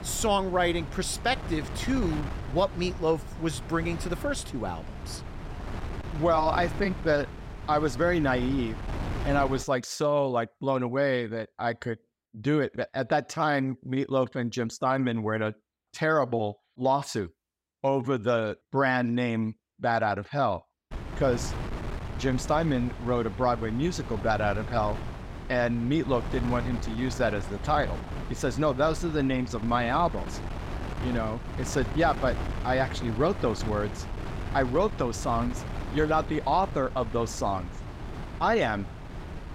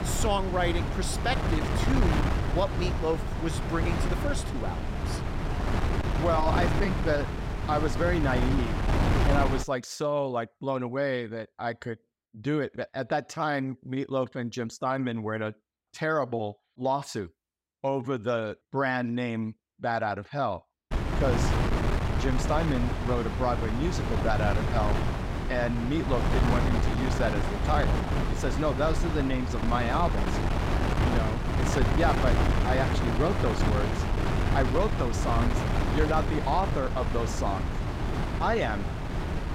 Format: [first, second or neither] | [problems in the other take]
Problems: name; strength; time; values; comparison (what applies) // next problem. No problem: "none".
first | wind noise on the microphone; heavy; until 9.5 s and from 21 s on; 3 dB below the speech; occasional gusts in the first